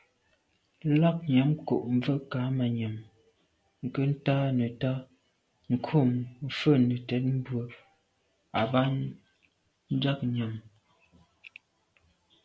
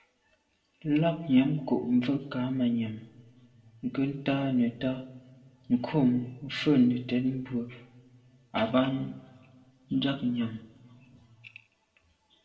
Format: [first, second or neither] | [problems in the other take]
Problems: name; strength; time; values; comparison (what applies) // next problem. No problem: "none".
first | room echo; dies away in 1.1 s